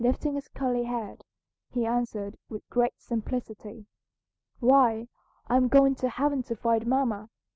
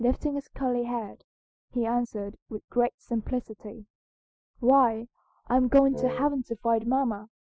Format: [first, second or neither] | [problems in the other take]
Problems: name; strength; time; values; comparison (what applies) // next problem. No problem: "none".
first | noise reduction (classical method Wiener filter)